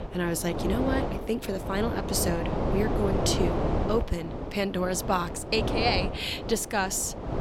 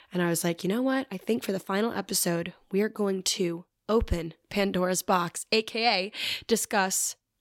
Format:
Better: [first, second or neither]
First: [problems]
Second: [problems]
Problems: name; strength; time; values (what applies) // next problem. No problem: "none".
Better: second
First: wind noise on the microphone; heavy; 4 dB below the speech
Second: none